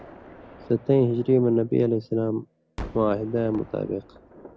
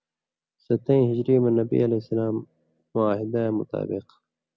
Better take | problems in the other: second | background sound (Gunshot, gunfire); 18 dB below the speech

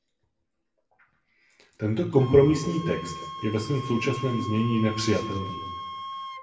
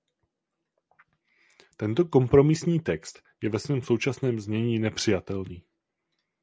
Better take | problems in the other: second | background sound (Wind instrument, woodwind instrument); 12 dB below the speech // room echo; dies away in 1 s

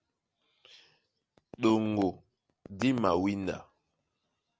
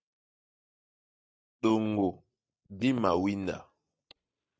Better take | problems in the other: first | noise reduction (neural mask model DeepFilterNet 3)

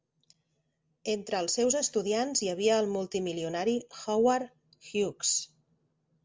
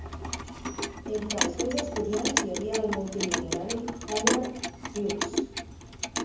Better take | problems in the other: first | background sound (Clock); 1 dB above the speech // room echo; dies away in 1.2 s

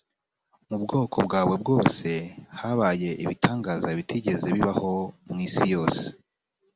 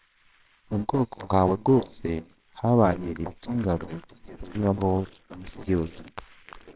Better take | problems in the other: first | noise reduction (neural separator model SepFormer WHAMR!)

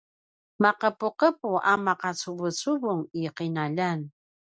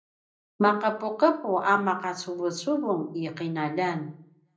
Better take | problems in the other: first | room echo; dies away in 0.5 s

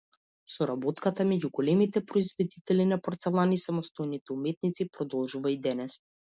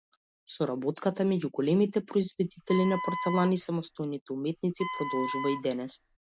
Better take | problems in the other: first | background sound (Wind instrument, woodwind instrument); 8 dB below the speech

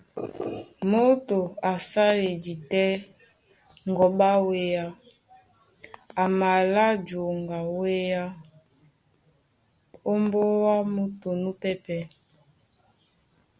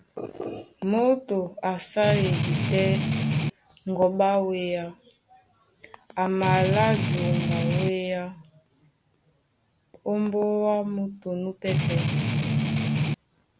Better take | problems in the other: first | background sound (Strum); 3 dB above the speech

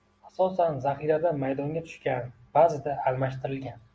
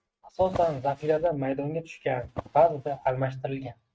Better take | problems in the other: first | noise reduction (neural mask model RNNoise)

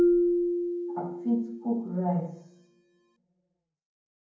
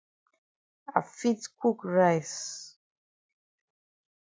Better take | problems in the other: second | background sound (Marimba, xylophone); 4 dB above the speech // room echo; dies away in 0.9 s

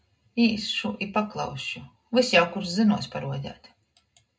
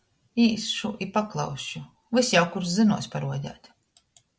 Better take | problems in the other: second | room echo; dies away in 0.2 s

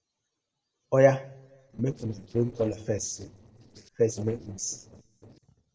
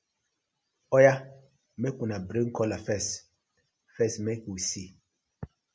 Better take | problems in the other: second | noise reduction (neural separator model SepFormer DNS4)

